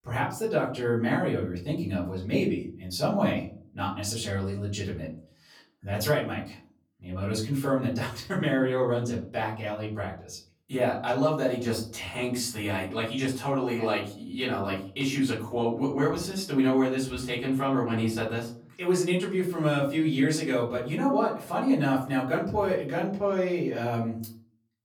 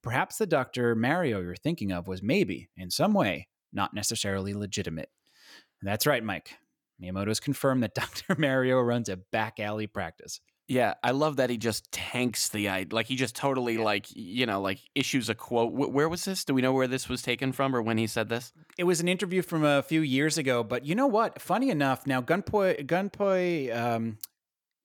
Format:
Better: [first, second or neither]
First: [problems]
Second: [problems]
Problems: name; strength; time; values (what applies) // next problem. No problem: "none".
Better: second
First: off-mic speech; far // room echo; slight; dies away in 0.4 s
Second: none